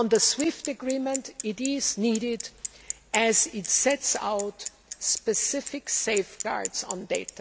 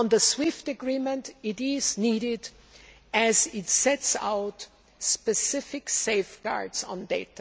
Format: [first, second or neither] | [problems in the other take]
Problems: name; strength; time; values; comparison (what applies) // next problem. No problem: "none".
second | background sound (Bicycle); 12 dB below the speech